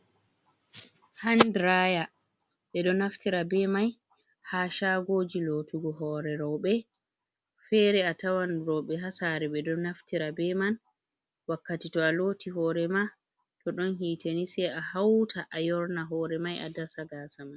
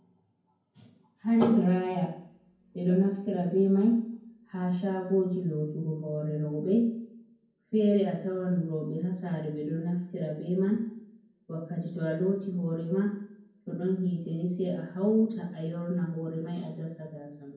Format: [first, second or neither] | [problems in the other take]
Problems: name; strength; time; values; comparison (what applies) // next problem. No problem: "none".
first | room echo; dies away in 0.9 s